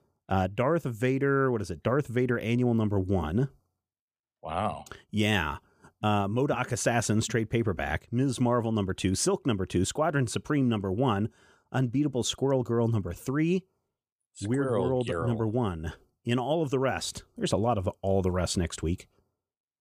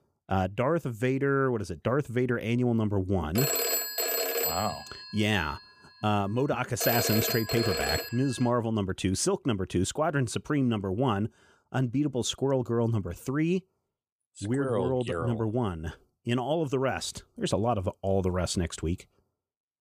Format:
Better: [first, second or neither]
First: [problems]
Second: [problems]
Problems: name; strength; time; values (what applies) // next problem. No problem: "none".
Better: first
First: none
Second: phone ringing; loud; from 3.5 to 8.5 s; peak 4 dB above the speech